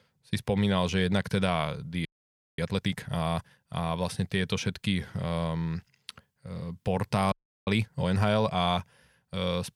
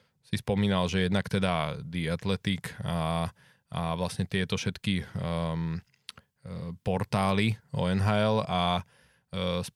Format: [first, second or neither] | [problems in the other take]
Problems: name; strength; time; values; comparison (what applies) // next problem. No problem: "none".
second | audio freezing; at 2 s for 0.5 s and at 7.5 s